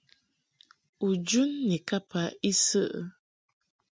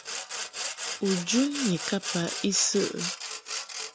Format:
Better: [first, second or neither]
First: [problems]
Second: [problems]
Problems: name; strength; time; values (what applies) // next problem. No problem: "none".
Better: first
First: none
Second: background sound (Sawing); 5 dB below the speech